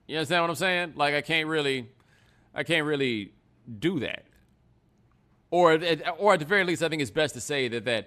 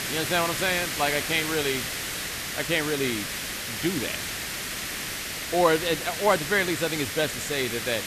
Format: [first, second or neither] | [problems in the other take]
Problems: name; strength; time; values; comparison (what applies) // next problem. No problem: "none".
first | hiss; loud; throughout; 3 dB below the speech